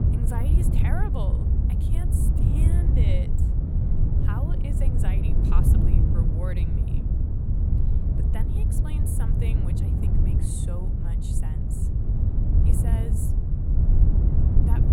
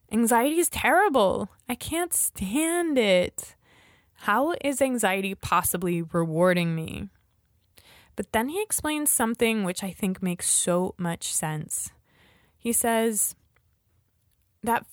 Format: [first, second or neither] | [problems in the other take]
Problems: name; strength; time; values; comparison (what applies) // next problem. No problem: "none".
second | wind noise on the microphone; heavy; 3 dB above the speech